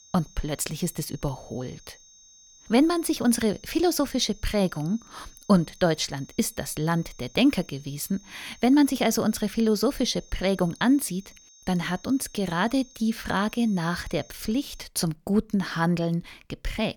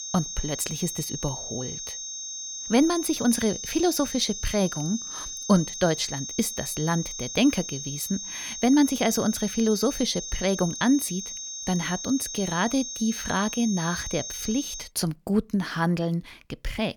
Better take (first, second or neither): first